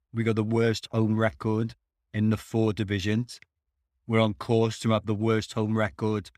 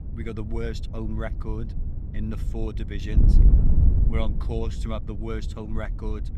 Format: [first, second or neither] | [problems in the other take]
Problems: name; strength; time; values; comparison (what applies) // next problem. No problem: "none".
first | wind noise on the microphone; heavy; 6 dB below the speech